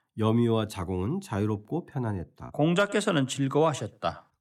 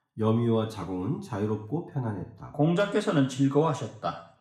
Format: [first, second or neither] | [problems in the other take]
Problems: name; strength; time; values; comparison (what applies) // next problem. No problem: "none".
first | room echo; slight; dies away in 0.5 s // off-mic speech; somewhat distant